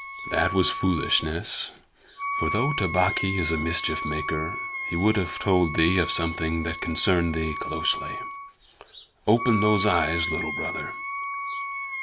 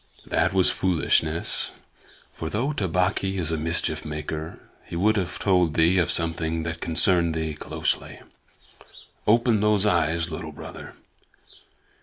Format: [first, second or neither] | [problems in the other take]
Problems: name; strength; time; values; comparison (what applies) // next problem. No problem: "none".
second | background sound (Wind instrument, woodwind instrument); 6 dB below the speech